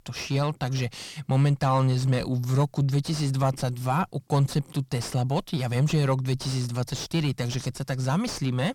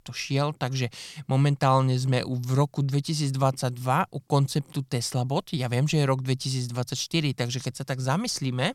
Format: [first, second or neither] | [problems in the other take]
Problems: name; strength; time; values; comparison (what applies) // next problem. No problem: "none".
second | distortion; slight; 8 dB below the speech